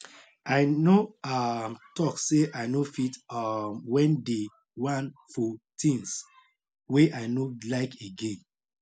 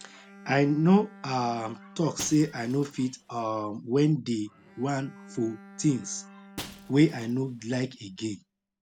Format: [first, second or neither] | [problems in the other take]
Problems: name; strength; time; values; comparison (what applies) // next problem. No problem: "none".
first | background sound (Shatter + Bowed string instrument); 20 dB below the speech